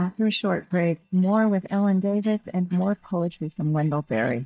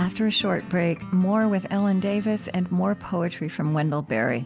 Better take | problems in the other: second | noise reduction (neural mask model DeepFilterNet 3)

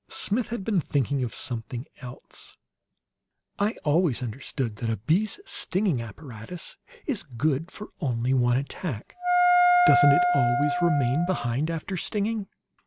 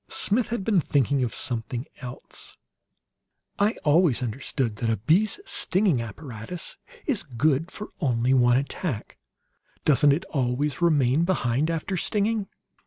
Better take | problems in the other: second | background sound (Wind instrument, woodwind instrument); 4 dB above the speech

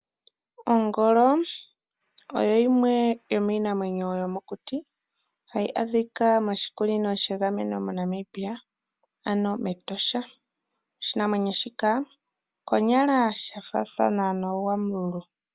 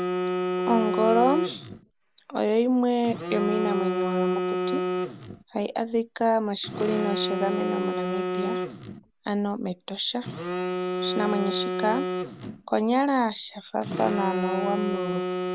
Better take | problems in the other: first | background sound (Telephone); 2 dB below the speech

